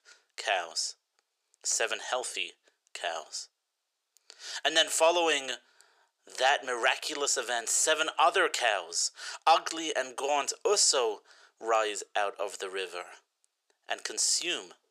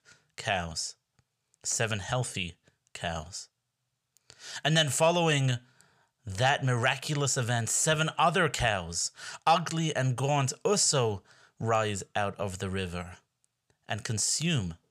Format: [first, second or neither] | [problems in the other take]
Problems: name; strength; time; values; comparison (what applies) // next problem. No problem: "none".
second | thin; very; fading below 350 Hz